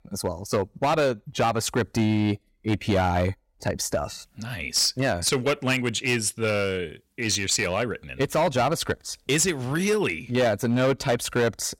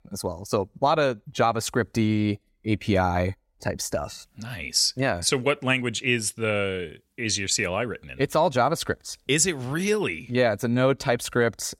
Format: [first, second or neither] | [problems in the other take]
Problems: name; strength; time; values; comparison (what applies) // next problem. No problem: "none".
second | distortion; slight; 8% of the sound clipped